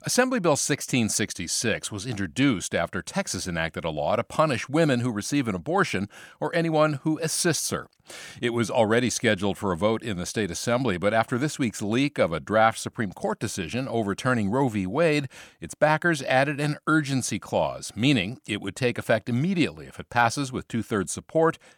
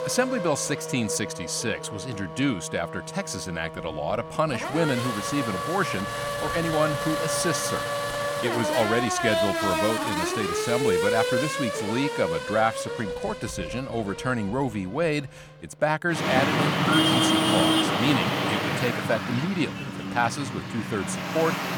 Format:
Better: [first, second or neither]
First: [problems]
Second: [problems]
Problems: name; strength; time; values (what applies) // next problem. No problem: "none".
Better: first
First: none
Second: traffic noise; very loud; throughout; 1 dB above the speech